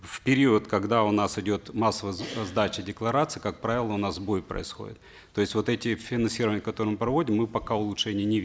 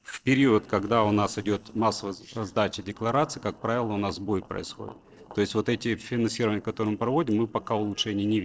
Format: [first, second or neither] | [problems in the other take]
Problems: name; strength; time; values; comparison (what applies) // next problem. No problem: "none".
first | noise reduction (neural separator model SepFormer DNS4)